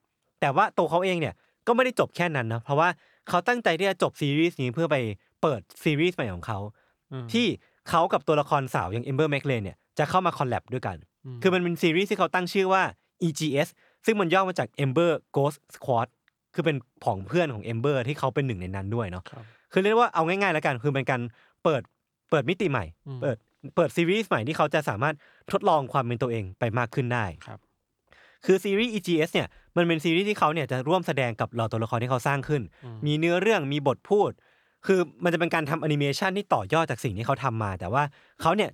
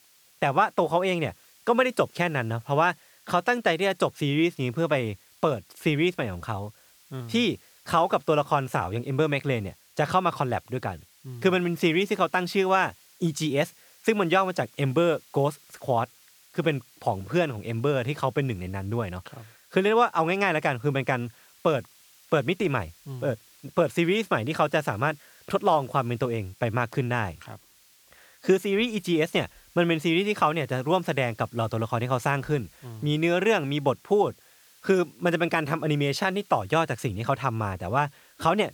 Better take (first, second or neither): first